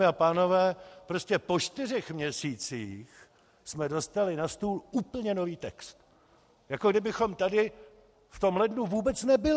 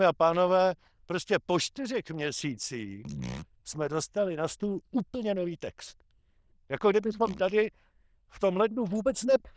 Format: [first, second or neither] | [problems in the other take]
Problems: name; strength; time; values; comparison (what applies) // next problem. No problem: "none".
first | noise reduction (neural diffusion model UNIVERSE++)